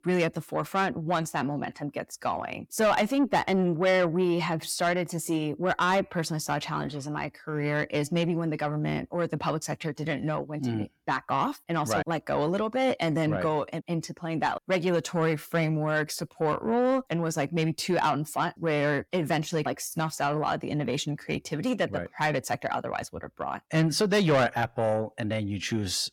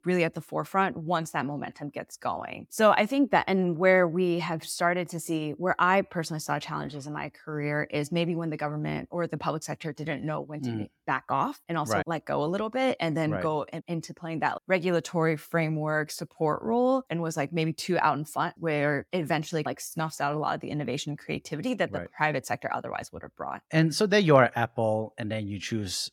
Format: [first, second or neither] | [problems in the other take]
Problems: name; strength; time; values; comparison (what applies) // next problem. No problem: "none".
second | distortion; slight; 10 dB below the speech